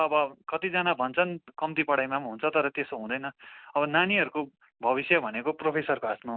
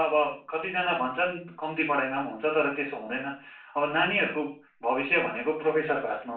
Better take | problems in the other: first | room echo; dies away in 0.4 s

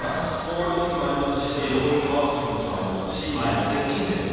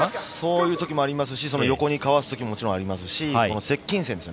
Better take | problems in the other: second | background sound (Fire); 14 dB below the speech // room echo; dies away in 2.1 s

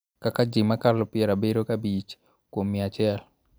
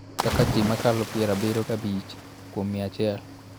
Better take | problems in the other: first | background sound (Cricket / Waves, surf); 5 dB below the speech

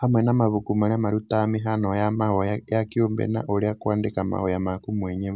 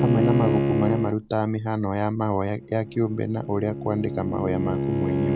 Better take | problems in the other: first | background sound (Bowed string instrument); 2 dB below the speech

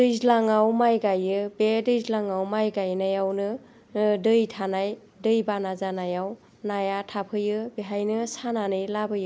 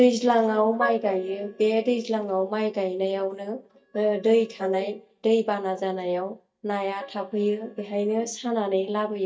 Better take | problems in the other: first | noise reduction (neural mask model DeepFilterNet 3)

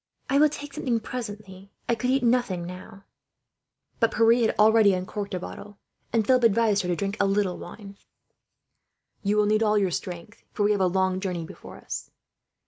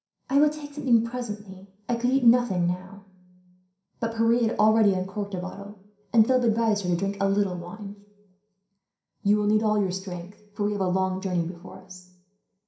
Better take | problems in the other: first | room echo; dies away in 0.5 s

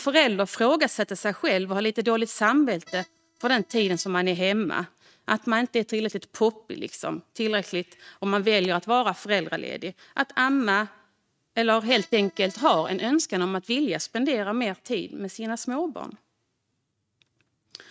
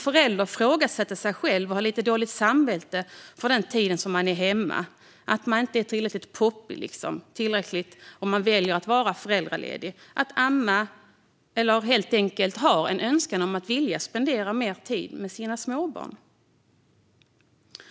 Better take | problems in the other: second | noise reduction (neural mask model RNNoise)

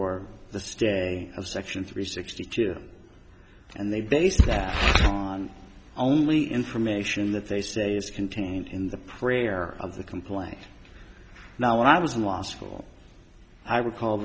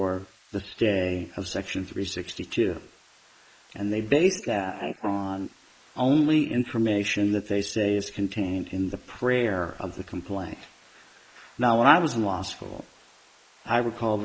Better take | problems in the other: first | noise reduction (neural mask model Resemble Enhance denoiser)

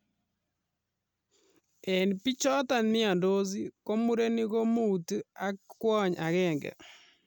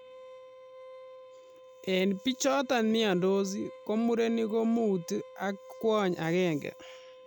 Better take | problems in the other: first | background sound (Bowed string instrument); 19 dB below the speech

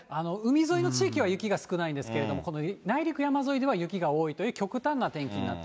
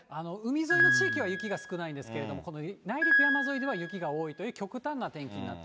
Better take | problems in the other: first | background sound (Piano); 4 dB above the speech

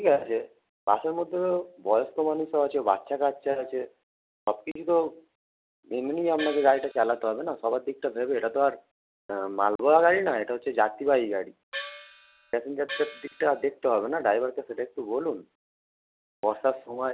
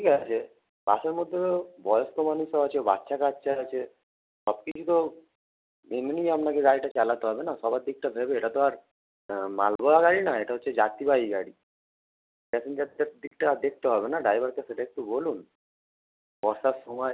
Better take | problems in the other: second | background sound (Gong); 13 dB below the speech

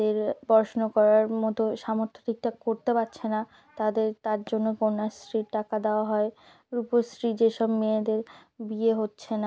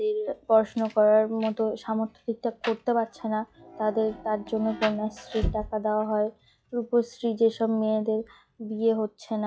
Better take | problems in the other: first | noise reduction (classical method log-MMSE)

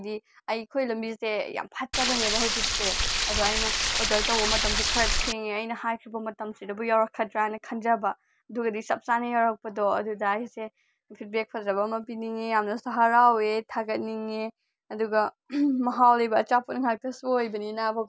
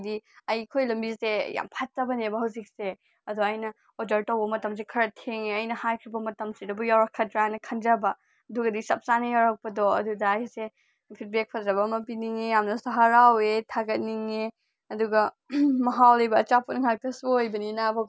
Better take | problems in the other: second | background sound (Stream); 2 dB above the speech

